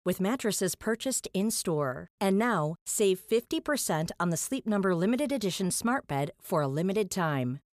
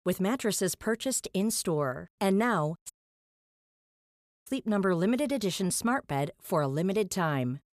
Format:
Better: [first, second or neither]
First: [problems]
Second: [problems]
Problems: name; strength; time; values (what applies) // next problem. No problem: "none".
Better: first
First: none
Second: audio cutting out; at 3 s for 1.5 s